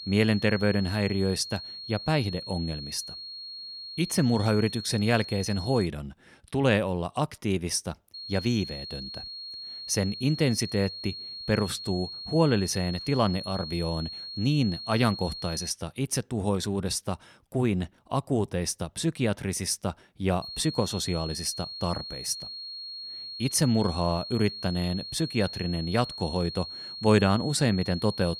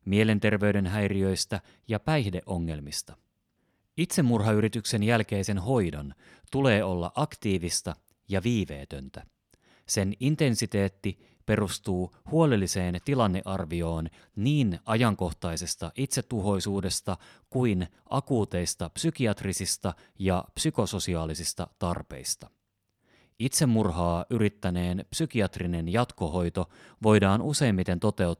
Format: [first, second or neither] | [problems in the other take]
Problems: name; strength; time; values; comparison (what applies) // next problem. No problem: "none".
second | high-pitched whine; loud; until 6 s, from 8 to 16 s and from 20 s on; 4.5 kHz, 9 dB below the speech